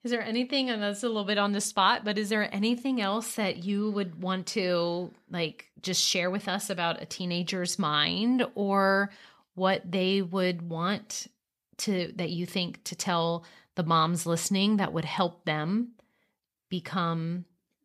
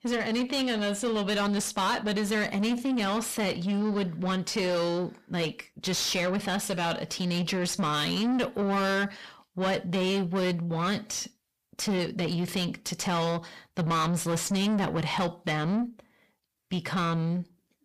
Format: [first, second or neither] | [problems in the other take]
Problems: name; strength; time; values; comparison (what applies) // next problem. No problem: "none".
first | distortion; heavy; 7 dB below the speech